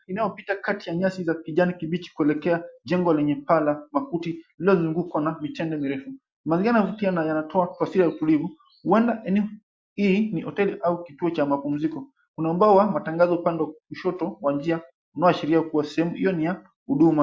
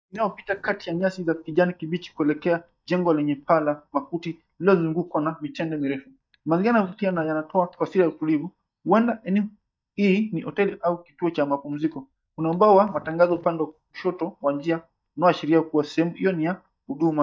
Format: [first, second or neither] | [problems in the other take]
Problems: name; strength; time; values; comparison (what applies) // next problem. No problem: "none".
first | noise reduction (neural mask model DeepFilterNet 3)